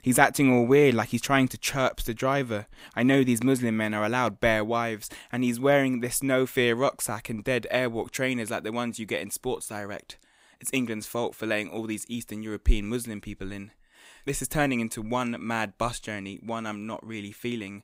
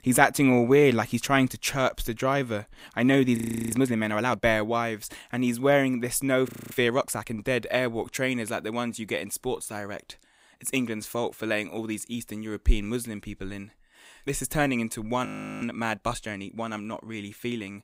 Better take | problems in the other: first | audio freezing; at 3.5 s, at 6.5 s and at 15 s

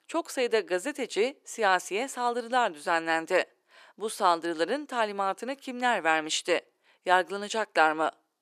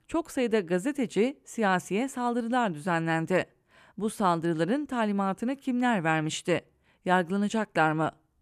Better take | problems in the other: second | thin; somewhat; fading below 400 Hz

